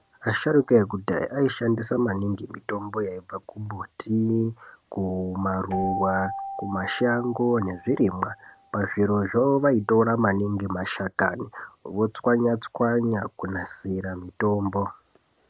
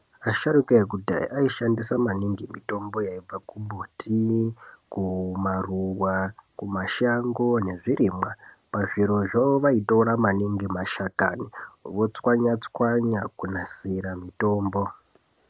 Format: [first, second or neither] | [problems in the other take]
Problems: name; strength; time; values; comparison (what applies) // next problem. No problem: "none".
second | background sound (Keyboard (musical)); 16 dB below the speech